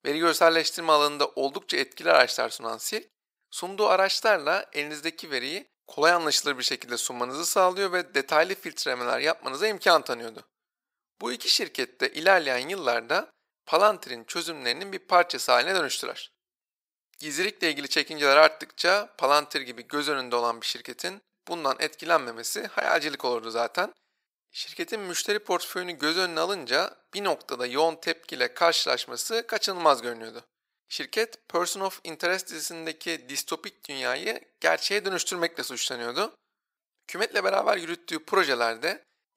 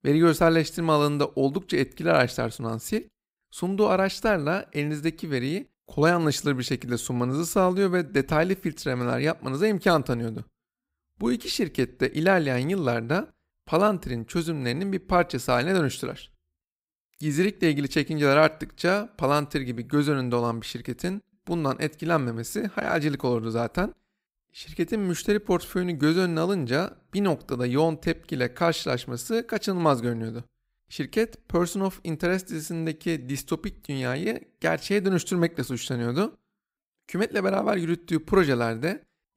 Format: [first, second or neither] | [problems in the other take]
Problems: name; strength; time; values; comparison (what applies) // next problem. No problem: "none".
second | thin; very; fading below 650 Hz